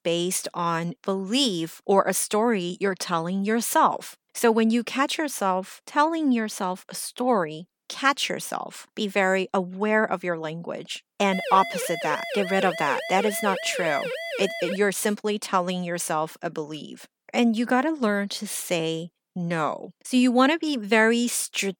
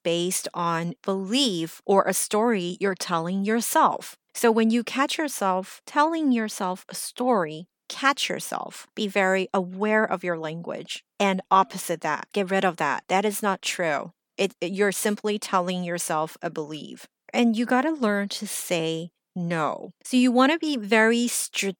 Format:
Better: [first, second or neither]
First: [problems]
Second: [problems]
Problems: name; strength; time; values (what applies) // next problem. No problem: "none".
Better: second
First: siren; noticeable; from 11 to 15 s; peak 5 dB below the speech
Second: none